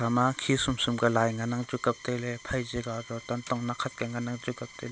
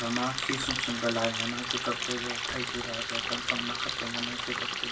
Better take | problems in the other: first | background sound (Water tap, faucet); 1 dB above the speech // room echo; dies away in 0.3 s

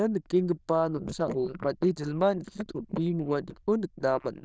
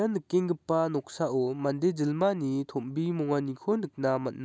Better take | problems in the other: second | noise reduction (neural diffusion model UNIVERSE++)

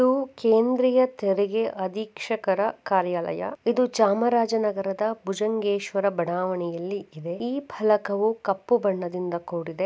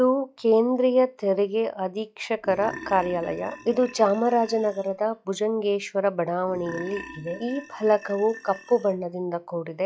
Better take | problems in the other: first | noise reduction (classical method log-MMSE)

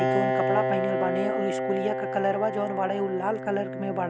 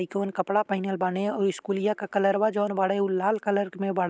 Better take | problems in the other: second | background sound (Piano); 1 dB above the speech

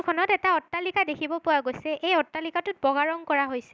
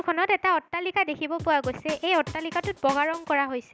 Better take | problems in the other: first | background sound (Drum); 14 dB below the speech

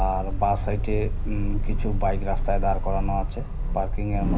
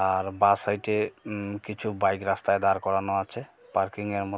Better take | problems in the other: second | background sound (Sliding door); 4 dB above the speech // room echo; dies away in 0.5 s

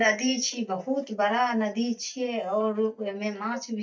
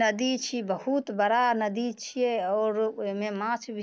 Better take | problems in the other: second | noise reduction (neural mask model DeepFilterNet 3)

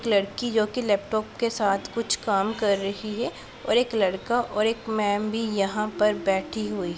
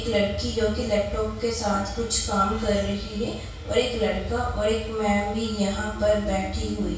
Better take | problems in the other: first | room echo; dies away in 0.6 s

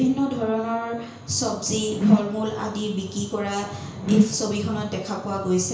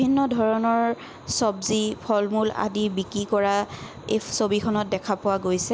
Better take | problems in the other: second | background sound (Whoosh, swoosh, swish); as loud as the speech // room echo; dies away in 0.5 s

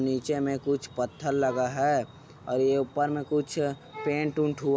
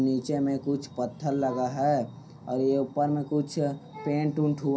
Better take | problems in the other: first | room echo; dies away in 0.3 s

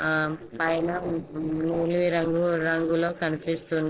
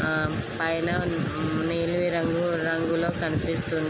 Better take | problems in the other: second | noise reduction (neural separator model SepFormer DNS4)

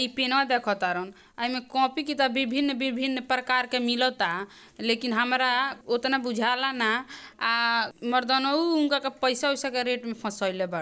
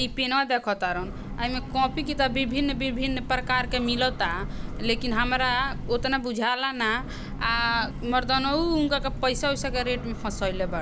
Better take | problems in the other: first | background sound (Train / Breathing); 7 dB below the speech

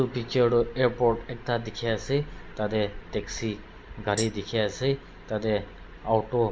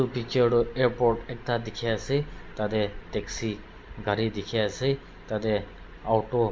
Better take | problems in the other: second | background sound (Tambourine); 13 dB below the speech

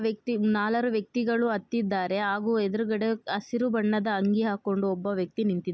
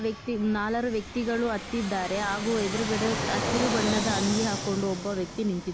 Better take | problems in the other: first | background sound (Fixed-wing aircraft, airplane); 4 dB below the speech

